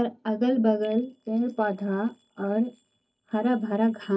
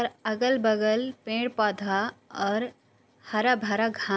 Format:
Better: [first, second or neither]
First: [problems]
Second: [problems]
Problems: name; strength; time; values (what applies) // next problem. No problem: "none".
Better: second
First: noise reduction (neural mask model DeepFilterNet 3)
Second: none